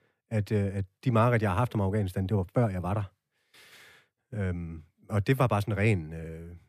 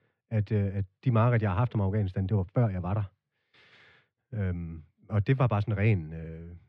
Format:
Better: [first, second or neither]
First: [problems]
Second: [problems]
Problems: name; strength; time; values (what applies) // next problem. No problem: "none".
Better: first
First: none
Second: muffled; very slightly; fading above 4 kHz